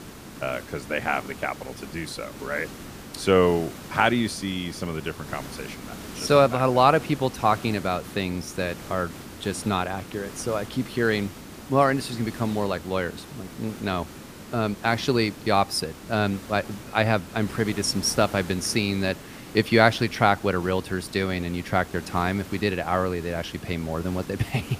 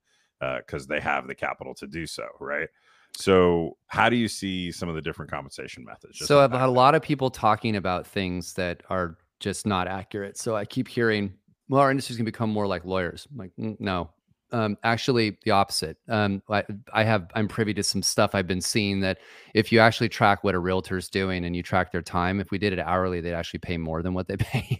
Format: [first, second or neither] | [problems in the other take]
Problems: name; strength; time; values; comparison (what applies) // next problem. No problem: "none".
second | hiss; noticeable; throughout; 15 dB below the speech